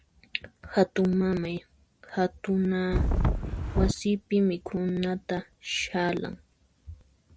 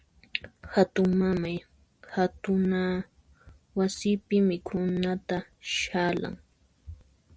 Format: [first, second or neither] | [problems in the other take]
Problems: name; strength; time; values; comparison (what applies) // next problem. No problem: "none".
second | background sound (Wind); 4 dB above the speech